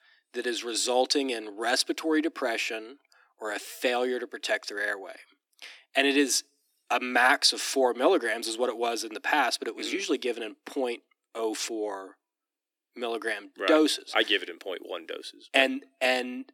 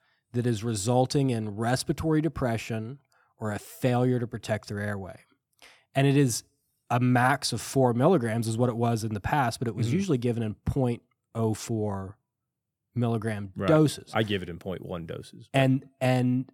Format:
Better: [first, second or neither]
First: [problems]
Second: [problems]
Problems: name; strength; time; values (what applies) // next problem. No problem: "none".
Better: second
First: thin; somewhat; fading below 300 Hz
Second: none